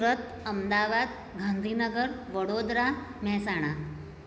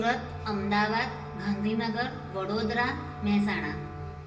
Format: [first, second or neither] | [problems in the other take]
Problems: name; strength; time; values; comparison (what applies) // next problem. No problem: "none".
first | background sound (Wind instrument, woodwind instrument); 12 dB below the speech // room echo; dies away in 0.2 s